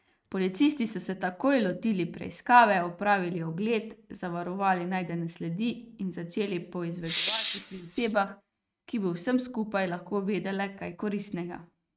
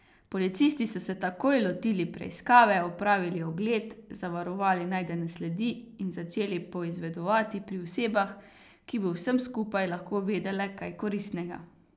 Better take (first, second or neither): second